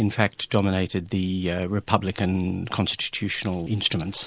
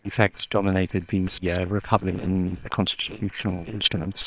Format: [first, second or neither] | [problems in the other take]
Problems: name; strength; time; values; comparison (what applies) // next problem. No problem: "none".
first | noise reduction (neural separator model SepFormer WHAM!)